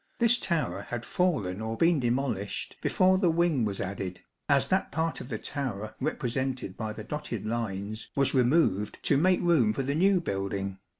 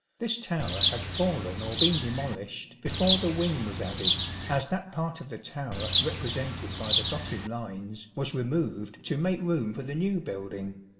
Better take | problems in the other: first | background sound (Bird); 1 dB above the speech // room echo; dies away in 2.7 s

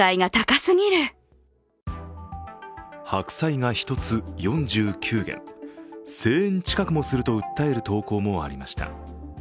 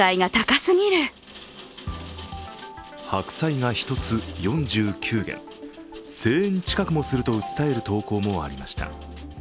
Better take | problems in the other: first | background sound (Rain); 20 dB below the speech

